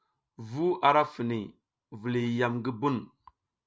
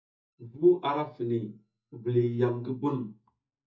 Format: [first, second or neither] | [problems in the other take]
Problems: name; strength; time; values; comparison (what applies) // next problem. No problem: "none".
first | noise reduction (neural mask model DeepFilterNet 3)